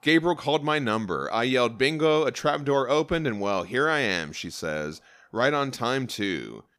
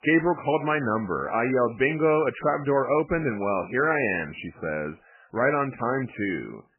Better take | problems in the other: first | garbled, watery; badly; nothing above 2.5 kHz

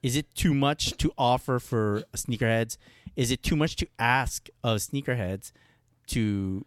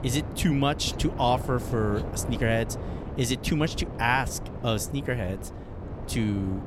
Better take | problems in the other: first | wind noise on the microphone; occasional gusts; 10 dB below the speech

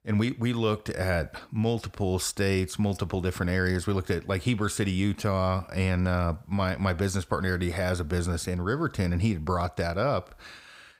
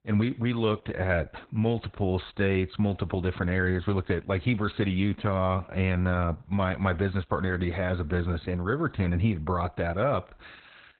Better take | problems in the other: first | garbled, watery; badly; nothing above 4 kHz

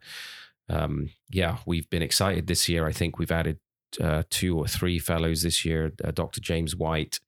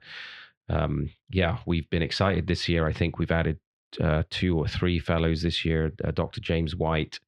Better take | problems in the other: first | muffled; slightly; fading above 3.5 kHz

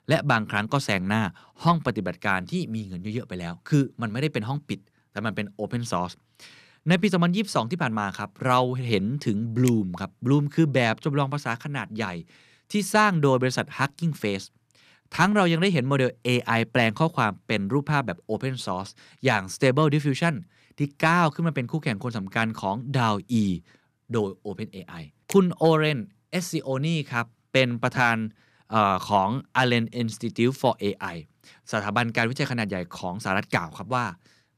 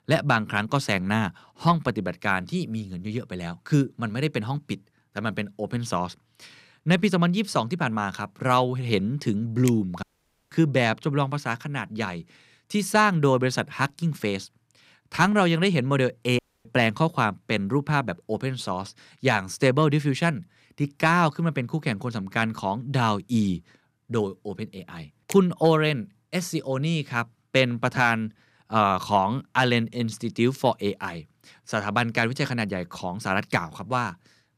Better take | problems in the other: first | audio cutting out; at 10 s and at 16 s

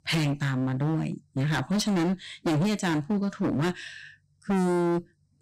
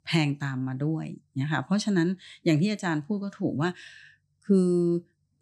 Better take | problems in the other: second | distortion; heavy; 25% of the sound clipped

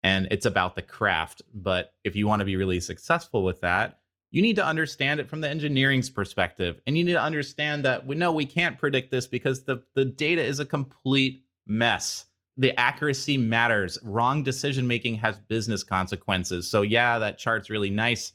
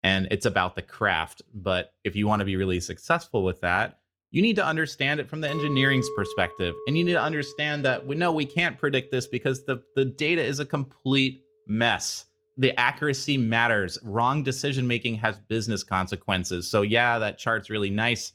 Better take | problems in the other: first | clattering dishes; noticeable; from 5.5 to 9.5 s; peak 7 dB below the speech

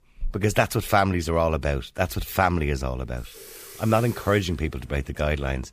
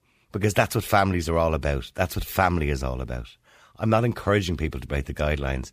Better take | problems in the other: second | household noises; noticeable; throughout; 20 dB below the speech

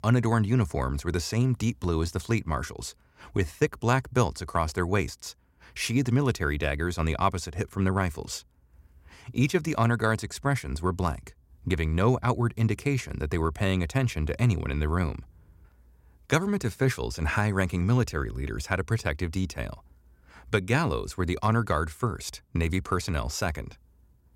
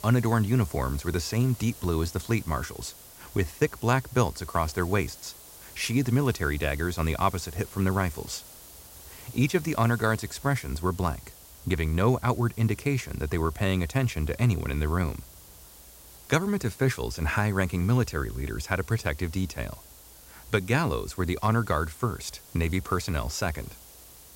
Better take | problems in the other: first | hiss; noticeable; throughout; 20 dB below the speech

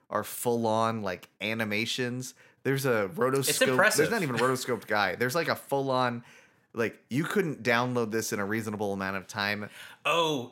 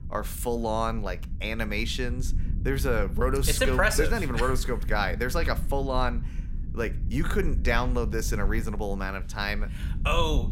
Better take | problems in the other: first | low rumble; noticeable; throughout; 20 dB below the speech

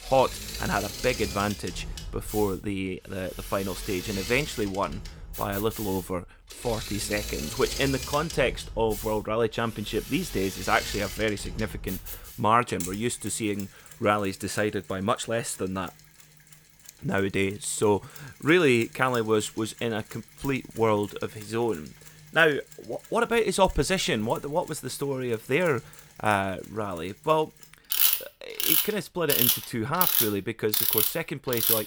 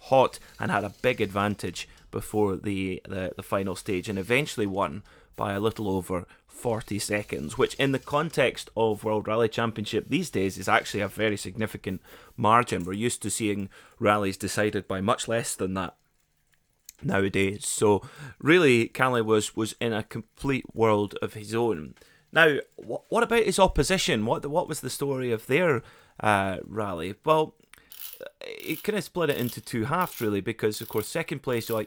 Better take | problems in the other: second | machinery noise; loud; throughout; 1 dB below the speech; faint in the second

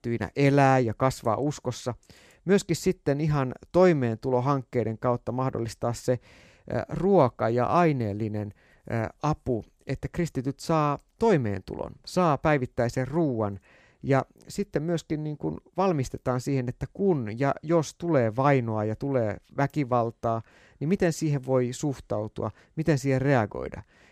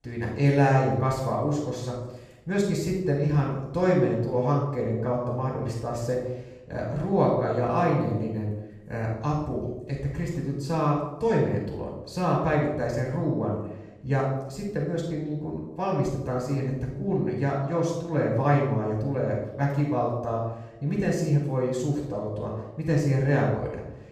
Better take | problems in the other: first | off-mic speech; far // room echo; noticeable; dies away in 0.7 s

